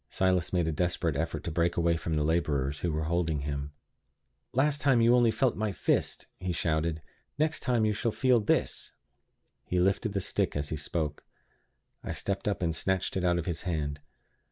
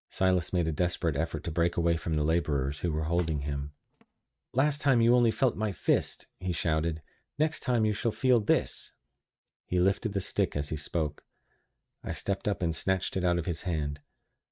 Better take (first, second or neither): first